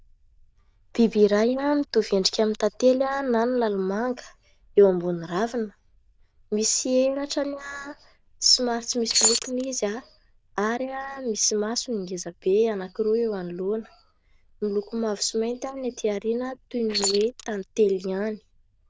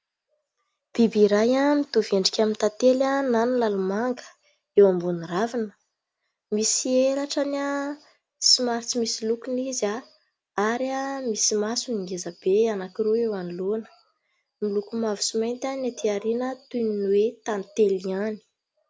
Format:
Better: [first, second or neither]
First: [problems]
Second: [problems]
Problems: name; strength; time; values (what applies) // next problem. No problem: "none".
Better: second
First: noise reduction (neural diffusion model UNIVERSE++)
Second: none